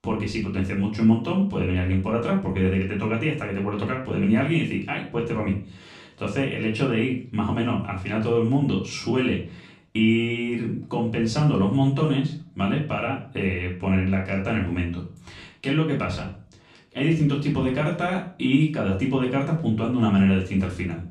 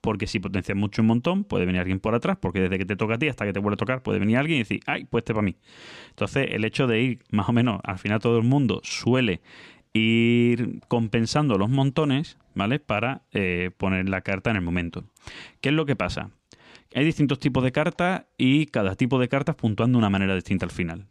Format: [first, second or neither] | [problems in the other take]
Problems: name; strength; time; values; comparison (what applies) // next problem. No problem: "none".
second | off-mic speech; far // room echo; slight; dies away in 0.4 s